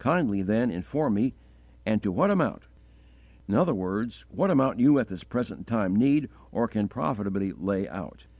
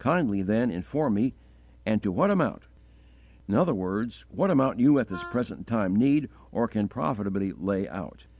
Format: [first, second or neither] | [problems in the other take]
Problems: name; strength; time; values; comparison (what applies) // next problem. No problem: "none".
first | background sound (Wind instrument, woodwind instrument); 17 dB below the speech